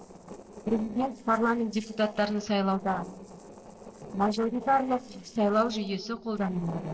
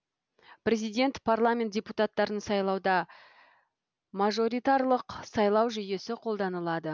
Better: second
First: noise reduction (neural separator model SepFormer DNS4)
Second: none

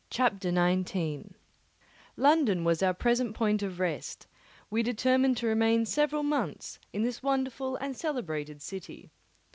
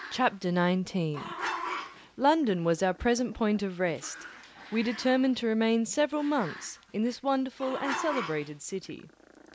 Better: first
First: none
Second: background sound (Growling); 12 dB below the speech

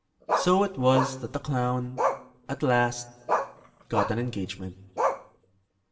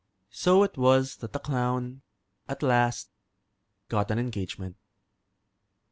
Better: second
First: background sound (Bark); 3 dB below the speech // room echo; dies away in 0.6 s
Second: none

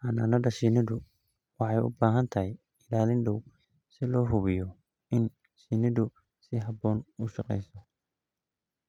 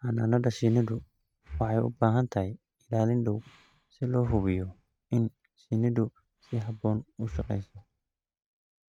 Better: first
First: none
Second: noise reduction (neural mask model RNNoise)

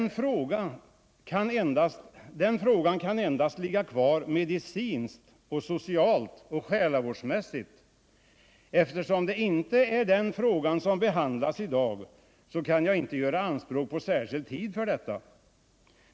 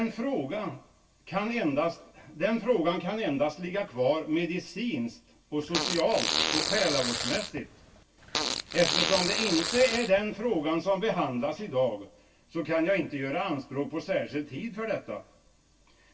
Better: first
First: none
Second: background sound (Fart); 2 dB below the speech // room echo; dies away in 0.1 s

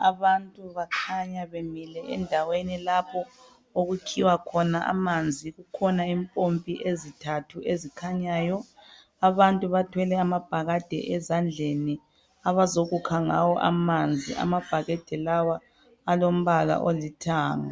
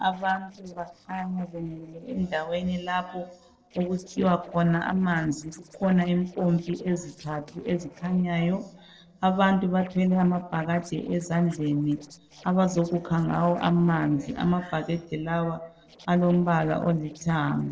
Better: first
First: none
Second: noise reduction (neural separator model SepFormer DNS4)

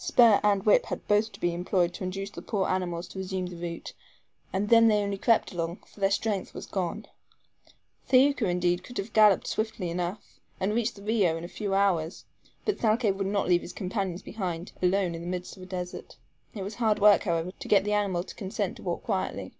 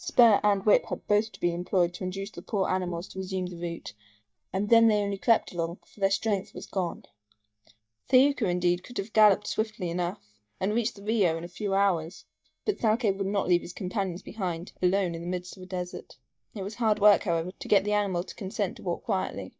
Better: first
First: none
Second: noise reduction (neural mask model DeepFilterNet 3)

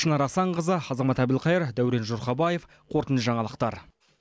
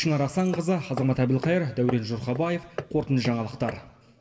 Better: first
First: none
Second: background sound (Hammer); 13 dB below the speech // room echo; dies away in 1.4 s

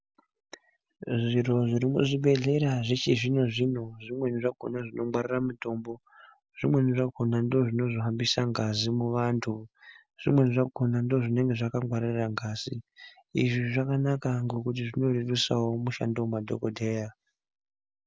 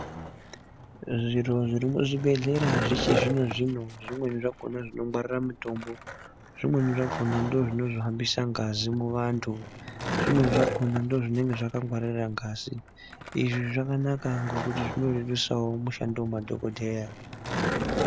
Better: first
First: none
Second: background sound (Skateboard); 6 dB below the speech

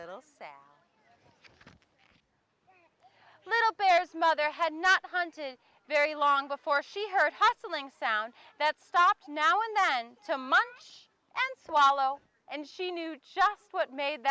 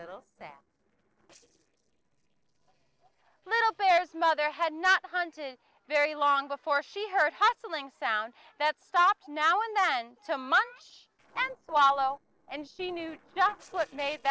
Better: first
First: none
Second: noise reduction (neural separator model SepFormer DNS4)

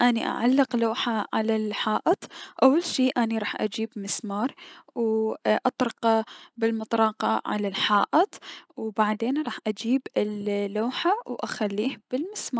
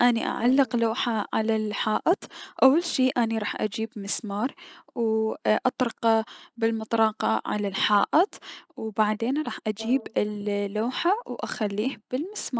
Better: first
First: none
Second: noise reduction (neural separator model SepFormer DNS4)

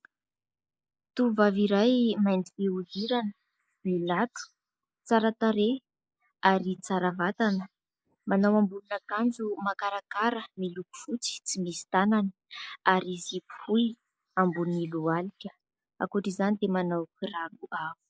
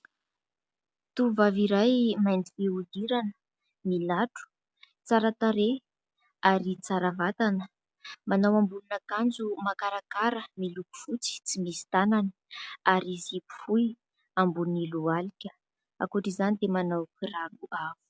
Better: second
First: noise reduction (neural mask model Resemble Enhance denoiser)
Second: none

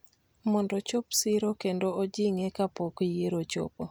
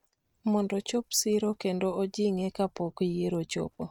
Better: first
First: none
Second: noise reduction (neural mask model RNNoise)

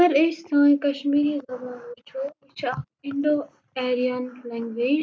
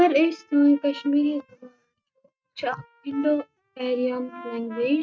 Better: first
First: none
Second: noise reduction (neural mask model RNNoise)

